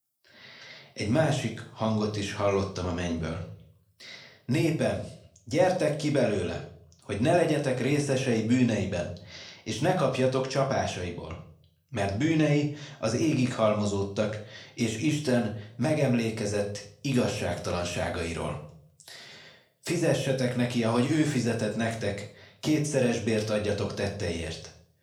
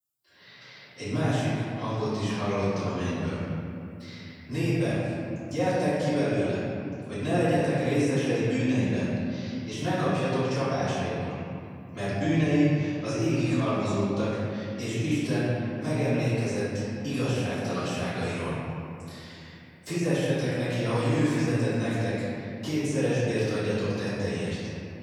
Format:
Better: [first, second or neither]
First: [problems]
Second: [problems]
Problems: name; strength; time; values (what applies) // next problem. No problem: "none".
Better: first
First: room echo; slight; dies away in 0.4 s // off-mic speech; somewhat distant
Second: room echo; strong; dies away in 2.6 s // off-mic speech; far